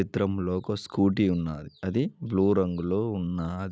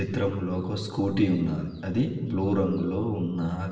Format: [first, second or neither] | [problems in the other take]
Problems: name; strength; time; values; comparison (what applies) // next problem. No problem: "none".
first | room echo; dies away in 1.2 s